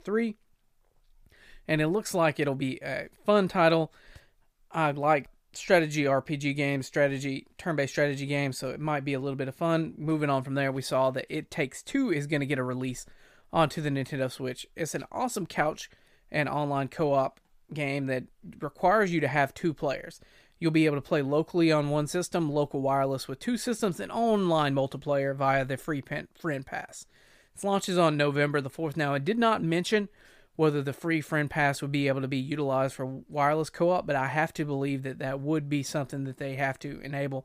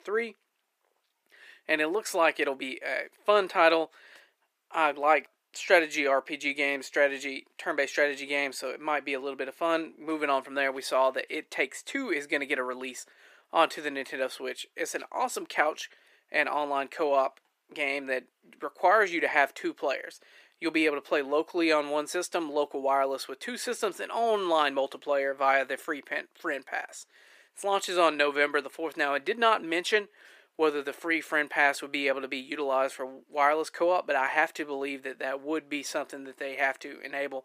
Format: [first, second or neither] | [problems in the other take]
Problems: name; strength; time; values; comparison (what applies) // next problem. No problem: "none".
first | thin; somewhat; fading below 350 Hz